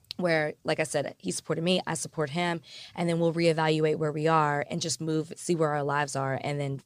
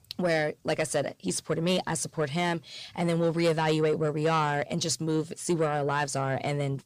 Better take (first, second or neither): first